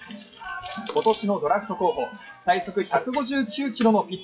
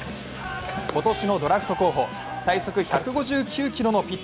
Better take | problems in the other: second | noise reduction (classical method WPE with log-MMSE)

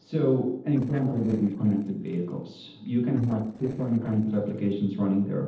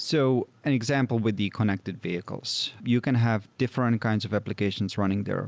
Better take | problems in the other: second | noise reduction (neural separator model SepFormer DNS4)

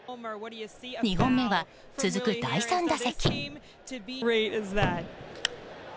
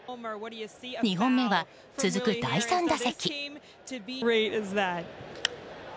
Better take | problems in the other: second | background sound (Thump, thud); 6 dB below the speech

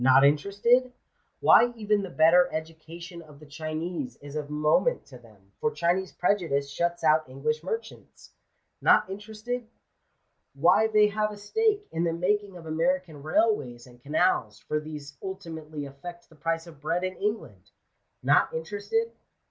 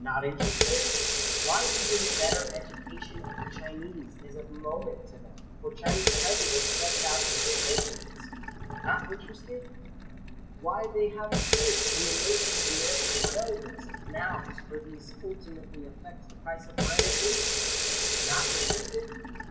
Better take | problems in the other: first | background sound (Sink (filling or washing) / Water tap, faucet); 5 dB above the speech // room echo; dies away in 0.8 s

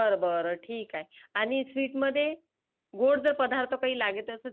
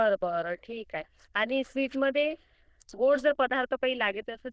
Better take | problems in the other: first | noise reduction (neural diffusion model UNIVERSE++)

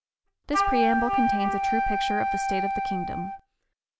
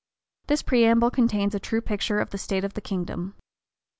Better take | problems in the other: second | background sound (Wind instrument, woodwind instrument); 4 dB above the speech

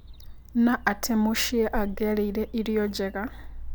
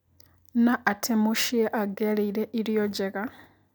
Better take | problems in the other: second | background sound (Bird vocalization, bird call, bird song); 11 dB below the speech

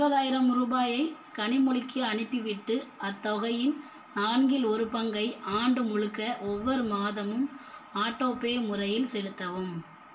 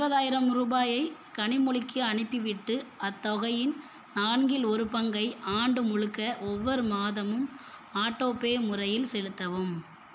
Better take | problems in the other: second | room echo; dies away in 0.2 s

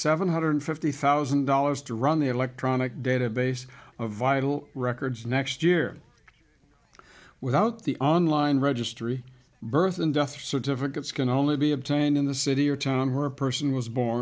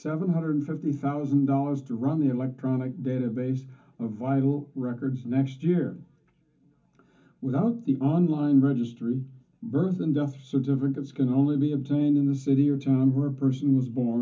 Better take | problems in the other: first | room echo; dies away in 0.3 s

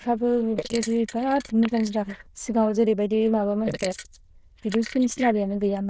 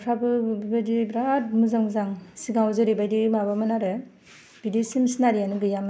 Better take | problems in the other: second | noise reduction (neural diffusion model UNIVERSE++)

